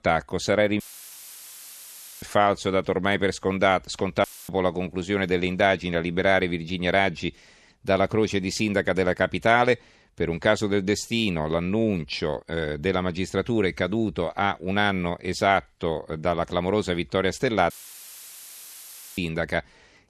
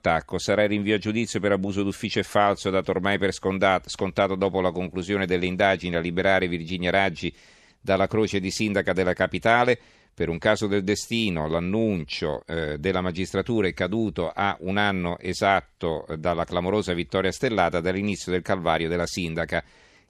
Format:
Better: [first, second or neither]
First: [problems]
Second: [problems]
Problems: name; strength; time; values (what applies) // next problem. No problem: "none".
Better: second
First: audio cutting out; filled with static; at 1 s for 1.5 s, at 4 s and at 18 s for 1.5 s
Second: none